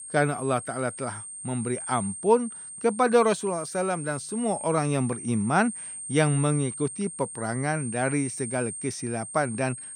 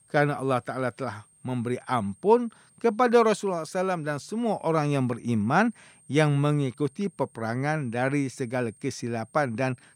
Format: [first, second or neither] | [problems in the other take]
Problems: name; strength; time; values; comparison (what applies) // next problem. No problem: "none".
second | high-pitched whine; loud; throughout; 8.5 kHz, 8 dB below the speech; faint in the second